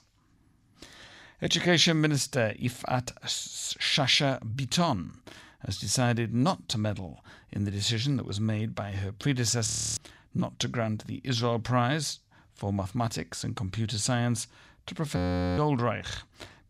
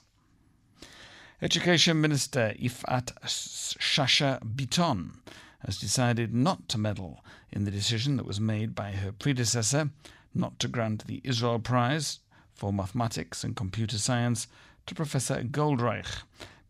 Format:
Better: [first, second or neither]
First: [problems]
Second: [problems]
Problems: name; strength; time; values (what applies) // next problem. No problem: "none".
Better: second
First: audio freezing; at 9.5 s and at 15 s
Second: none